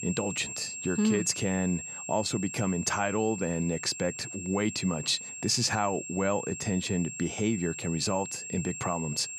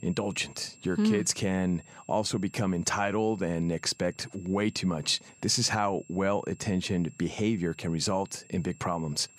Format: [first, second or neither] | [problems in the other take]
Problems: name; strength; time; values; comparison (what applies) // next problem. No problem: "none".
second | high-pitched whine; loud; throughout; 7.5 kHz, 7 dB below the speech; faint in the second